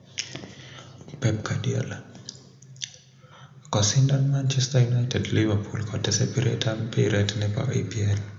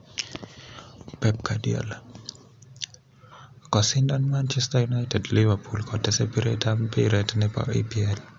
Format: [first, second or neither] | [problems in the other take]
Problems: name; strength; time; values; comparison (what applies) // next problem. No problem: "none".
second | room echo; dies away in 0.7 s